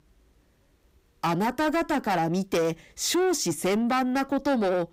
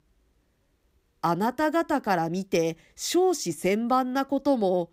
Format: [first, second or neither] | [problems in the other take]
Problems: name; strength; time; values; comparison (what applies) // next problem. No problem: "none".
second | distortion; heavy; 8 dB below the speech